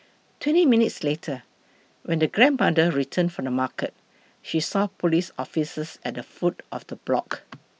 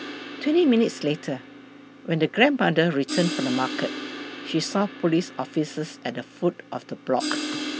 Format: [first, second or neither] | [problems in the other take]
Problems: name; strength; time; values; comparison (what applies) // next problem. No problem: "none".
first | background sound (Crash cymbal); 10 dB below the speech